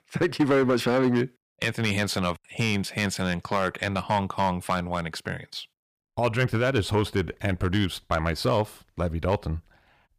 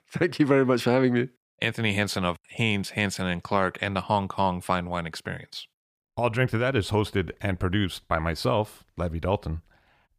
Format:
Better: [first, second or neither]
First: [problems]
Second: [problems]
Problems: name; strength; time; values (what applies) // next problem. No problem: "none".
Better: second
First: distortion; slight; 3% of the sound clipped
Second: none